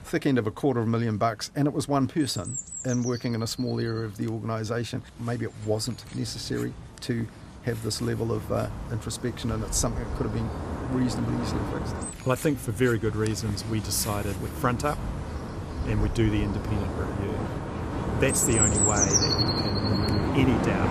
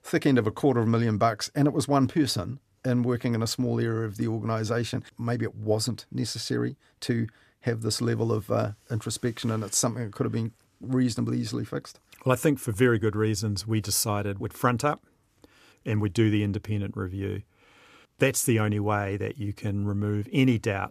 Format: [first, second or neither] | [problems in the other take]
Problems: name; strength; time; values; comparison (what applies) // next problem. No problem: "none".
second | animal sounds; loud; throughout; 1 dB below the speech